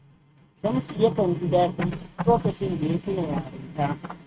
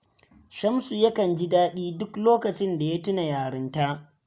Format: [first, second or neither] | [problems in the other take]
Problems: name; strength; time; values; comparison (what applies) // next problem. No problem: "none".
second | noise reduction (neural mask model RNNoise)